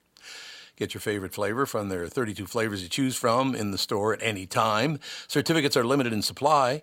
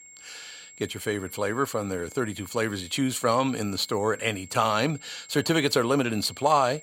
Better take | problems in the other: first | high-pitched whine; noticeable; throughout; 7.5 kHz, 20 dB below the speech

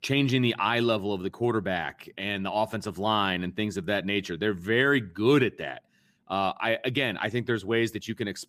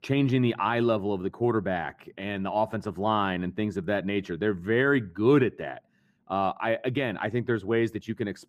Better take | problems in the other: first | muffled; slightly; fading above 2 kHz

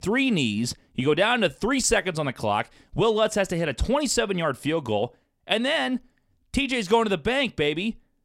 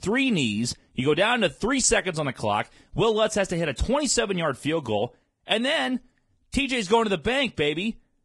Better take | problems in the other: first | garbled, watery; badly

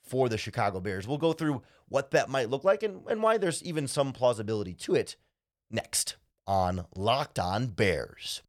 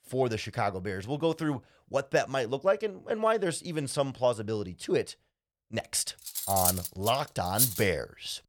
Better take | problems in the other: first | clattering dishes; loud; from 6.5 to 8 s; peak 5 dB above the speech

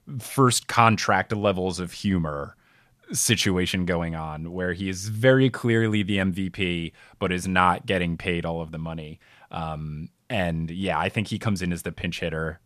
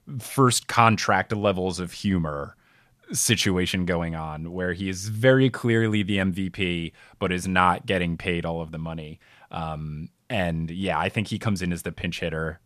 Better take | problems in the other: neither | none

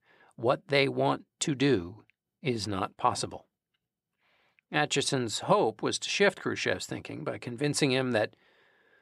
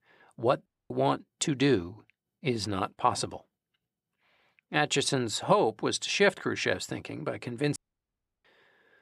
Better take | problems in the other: first | audio cutting out; at 0.5 s and at 8 s for 0.5 s

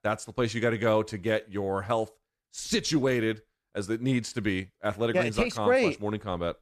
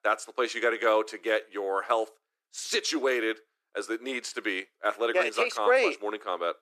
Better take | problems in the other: first | thin; very; fading below 350 Hz

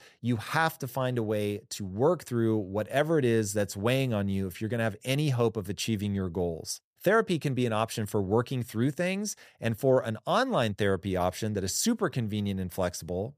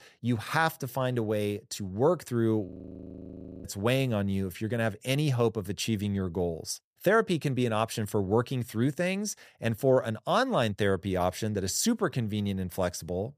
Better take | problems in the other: first | audio freezing; at 2.5 s for 1 s

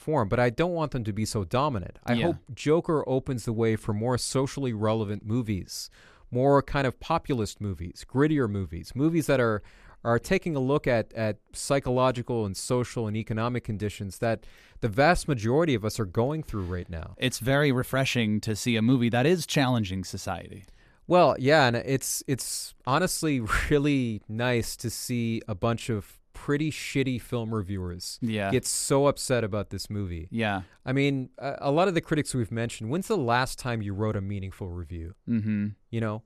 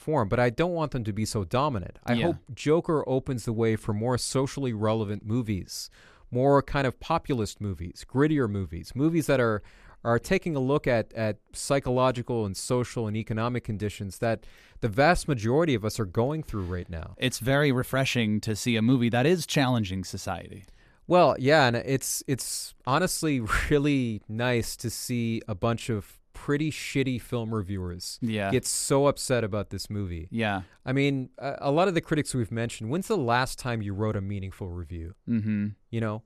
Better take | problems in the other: neither | none

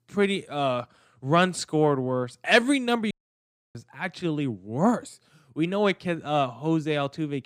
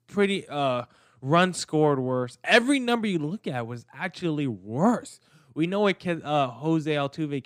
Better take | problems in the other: second | audio cutting out; at 3 s for 0.5 s

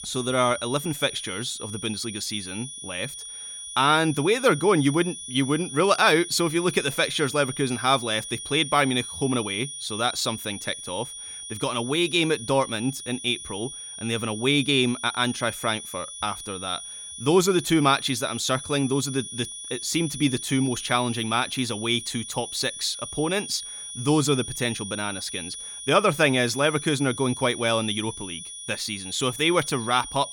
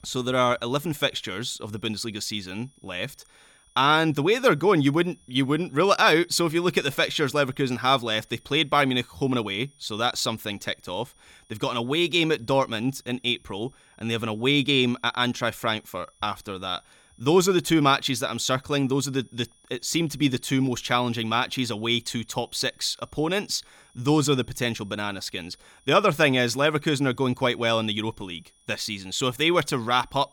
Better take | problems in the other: second | high-pitched whine; loud; throughout; 9.5 kHz, 10 dB below the speech; faint in the second

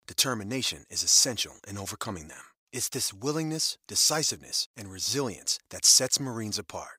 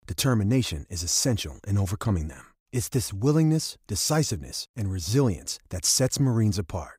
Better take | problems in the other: second | thin; somewhat; fading below 750 Hz

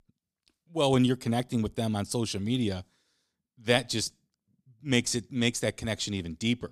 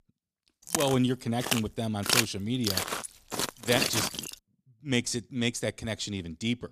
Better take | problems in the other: first | footsteps; loud; from 0.5 to 4.5 s; peak 5 dB above the speech

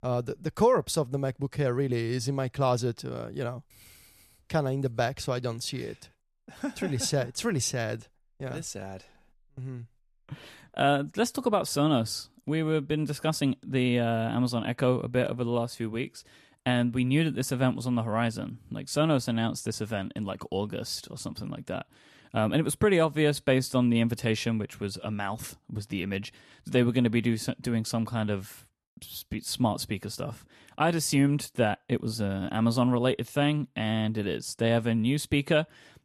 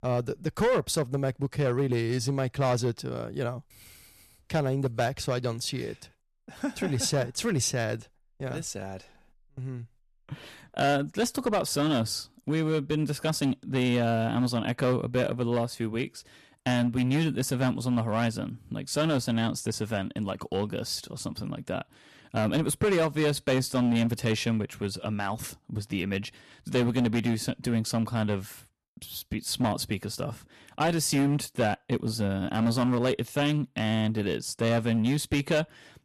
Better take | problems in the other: first | distortion; slight; 7% of the sound clipped

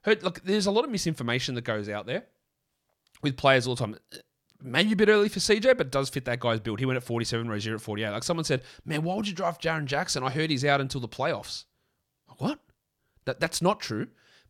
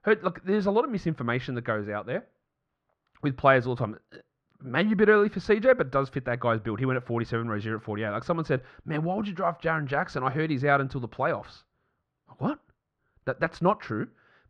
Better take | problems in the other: first | muffled; very; fading above 2 kHz

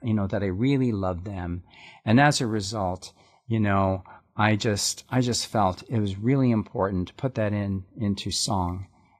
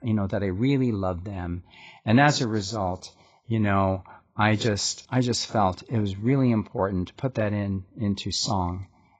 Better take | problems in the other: first | garbled, watery; badly; nothing above 7.5 kHz; slightly in the first

